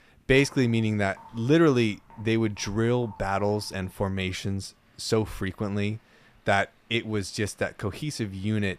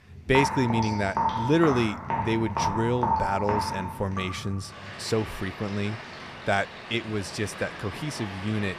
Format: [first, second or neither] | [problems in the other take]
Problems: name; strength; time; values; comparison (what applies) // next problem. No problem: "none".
first | rain or running water; loud; throughout; 4 dB below the speech; faint in the first